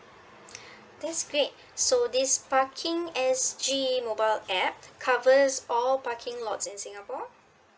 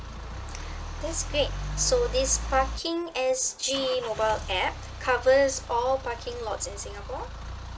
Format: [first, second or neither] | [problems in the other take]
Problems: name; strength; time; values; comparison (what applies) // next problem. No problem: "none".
first | background sound (Idling / Engine starting / Accelerating, revving, vroom / Car); 8 dB below the speech